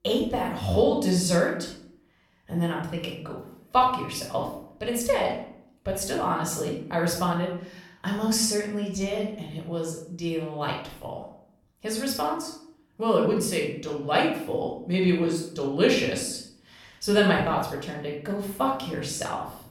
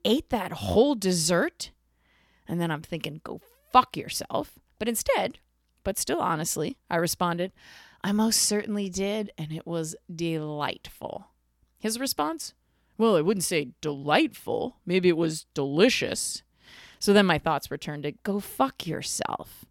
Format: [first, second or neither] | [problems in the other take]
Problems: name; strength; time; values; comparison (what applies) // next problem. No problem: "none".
second | off-mic speech; far // room echo; noticeable; dies away in 0.5 s